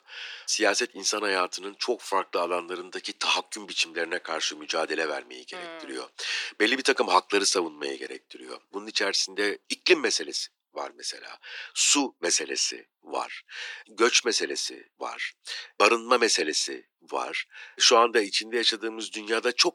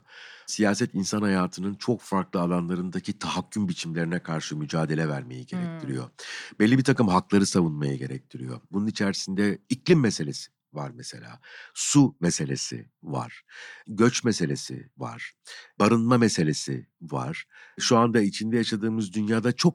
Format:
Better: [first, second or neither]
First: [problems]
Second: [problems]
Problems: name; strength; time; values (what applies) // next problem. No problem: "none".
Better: second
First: thin; very; fading below 350 Hz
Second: none